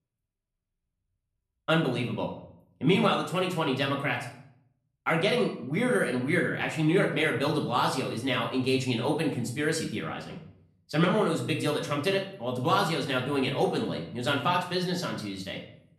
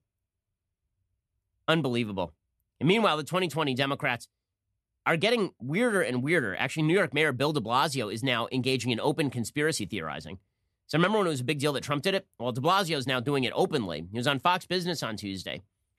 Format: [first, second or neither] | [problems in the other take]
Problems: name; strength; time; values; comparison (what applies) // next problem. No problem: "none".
second | room echo; slight; dies away in 0.5 s // off-mic speech; far